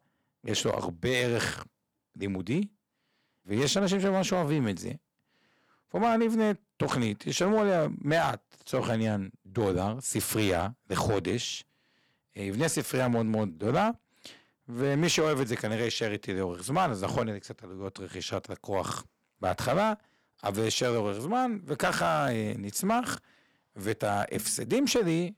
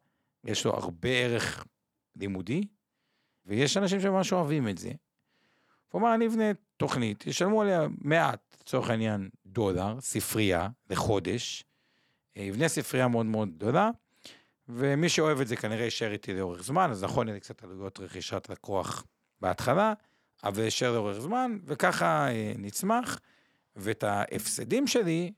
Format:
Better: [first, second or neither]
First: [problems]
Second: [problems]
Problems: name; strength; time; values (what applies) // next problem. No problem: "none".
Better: second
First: distortion; slight; 3% of the sound clipped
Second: none